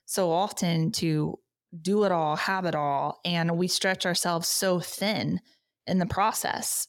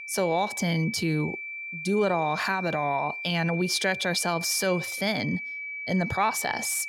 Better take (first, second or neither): first